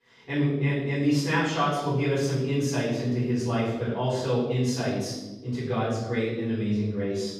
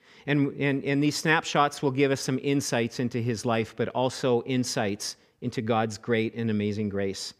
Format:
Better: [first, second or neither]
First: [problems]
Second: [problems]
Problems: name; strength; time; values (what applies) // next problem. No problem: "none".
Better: second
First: off-mic speech; far // room echo; noticeable; dies away in 1.1 s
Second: none